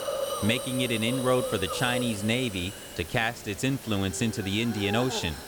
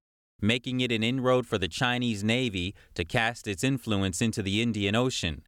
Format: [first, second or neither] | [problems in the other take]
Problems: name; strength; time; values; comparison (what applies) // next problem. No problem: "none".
second | hiss; loud; throughout; 7 dB below the speech